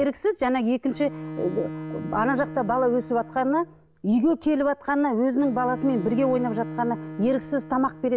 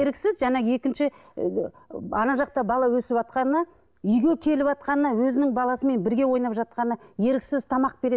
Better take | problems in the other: second | background sound (Bowed string instrument); 13 dB below the speech

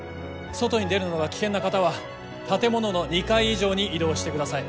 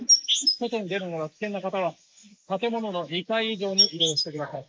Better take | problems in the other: first | noise reduction (neural mask model Resemble Enhance denoiser)

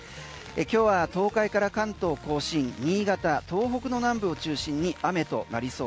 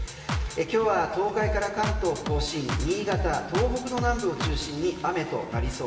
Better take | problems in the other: first | background sound (Drum kit); 4 dB below the speech // room echo; dies away in 2.2 s

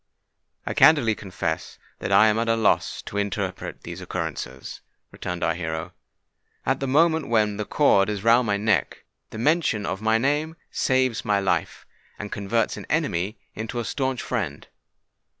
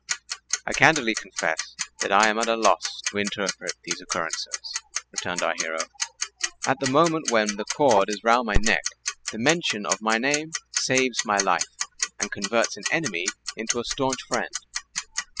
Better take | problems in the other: first | noise reduction (classical method spectral subtraction)

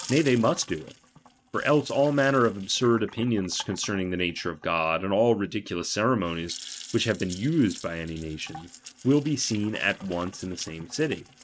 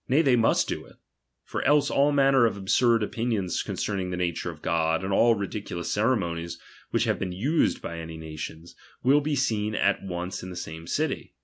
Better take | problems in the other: second | noise reduction (neural mask model RNNoise)

